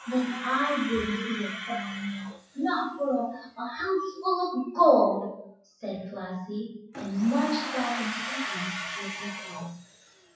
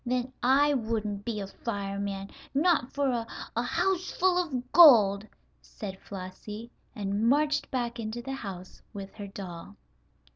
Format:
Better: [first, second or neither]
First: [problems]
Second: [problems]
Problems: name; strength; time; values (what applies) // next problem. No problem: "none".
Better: second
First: noise reduction (classical method WPE with log-MMSE)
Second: none